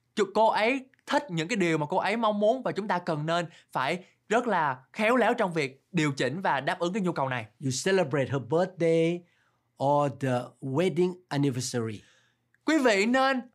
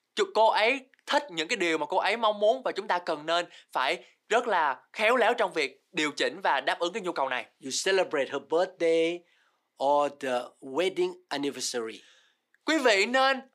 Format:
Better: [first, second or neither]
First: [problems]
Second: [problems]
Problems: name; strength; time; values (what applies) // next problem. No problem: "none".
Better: first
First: none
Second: thin; somewhat; fading below 350 Hz